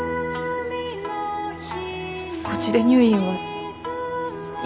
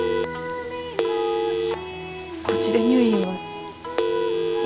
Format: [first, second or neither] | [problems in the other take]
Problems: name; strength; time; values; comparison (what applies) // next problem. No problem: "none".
first | background sound (Telephone); 1 dB above the speech